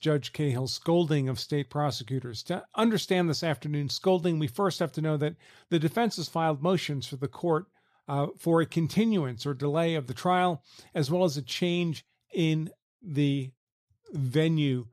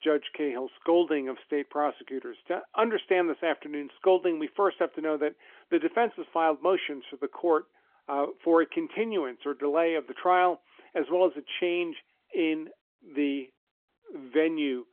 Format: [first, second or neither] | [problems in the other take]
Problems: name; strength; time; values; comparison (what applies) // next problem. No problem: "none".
first | phone-call audio; nothing above 3.5 kHz